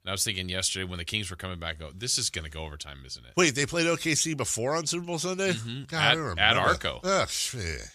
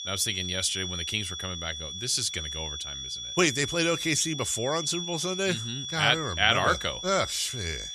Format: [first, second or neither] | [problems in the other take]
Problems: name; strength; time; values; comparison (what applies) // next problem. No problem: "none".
first | high-pitched whine; loud; throughout; 3.5 kHz, 6 dB below the speech